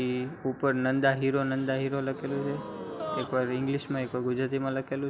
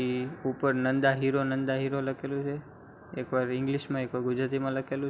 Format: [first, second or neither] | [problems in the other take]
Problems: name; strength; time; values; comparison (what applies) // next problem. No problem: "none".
second | background sound (Gasp); 12 dB below the speech